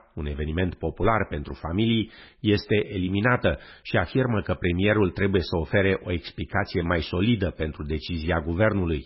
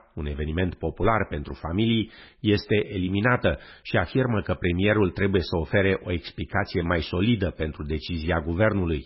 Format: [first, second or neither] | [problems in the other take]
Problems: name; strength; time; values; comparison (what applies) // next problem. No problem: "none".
neither | garbled, watery; badly; nothing above 5.5 kHz; the same in both